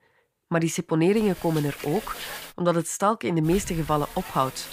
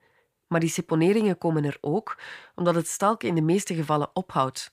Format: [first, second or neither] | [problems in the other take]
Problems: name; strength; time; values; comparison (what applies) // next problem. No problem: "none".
second | hiss; noticeable; from 1 to 2.5 s and from 3.5 s on; 15 dB below the speech